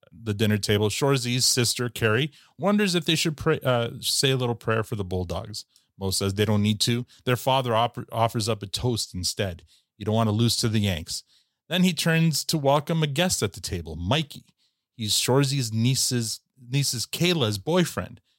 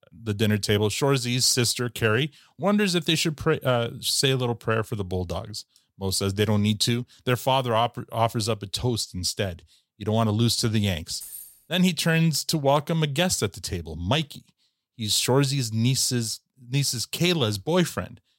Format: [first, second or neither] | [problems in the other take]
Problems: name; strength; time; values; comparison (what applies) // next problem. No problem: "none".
first | jangling keys; faint; at 11 s; peak 15 dB below the speech